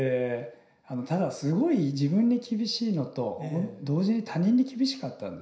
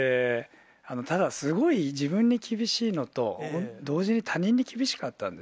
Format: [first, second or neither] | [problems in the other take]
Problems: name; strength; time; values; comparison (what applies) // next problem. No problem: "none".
second | room echo; dies away in 0.5 s